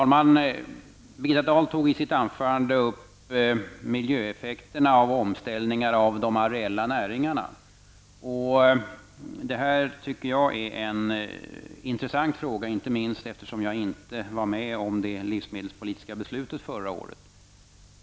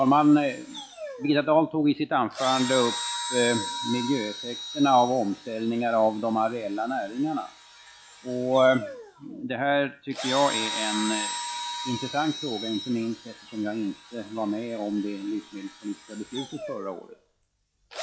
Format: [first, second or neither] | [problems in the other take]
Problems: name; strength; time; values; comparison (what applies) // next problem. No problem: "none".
first | noise reduction (classical method log-MMSE)